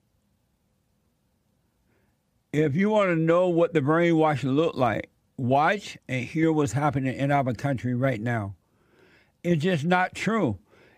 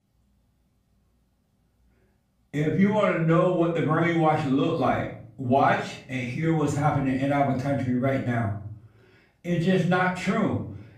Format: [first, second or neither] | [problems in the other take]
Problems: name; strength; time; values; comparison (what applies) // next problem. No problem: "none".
first | off-mic speech; far // room echo; noticeable; dies away in 0.4 s